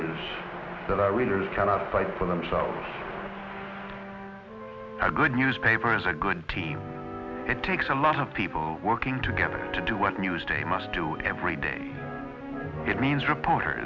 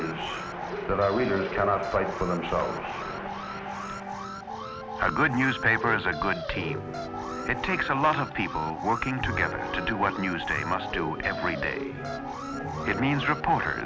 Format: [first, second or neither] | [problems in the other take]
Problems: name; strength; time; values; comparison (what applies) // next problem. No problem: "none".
first | background sound (Alarm); 9 dB below the speech